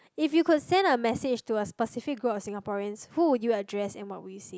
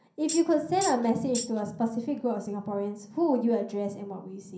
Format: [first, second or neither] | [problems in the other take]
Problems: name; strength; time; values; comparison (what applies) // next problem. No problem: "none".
first | background sound (Tambourine); 9 dB below the speech // room echo; dies away in 0.6 s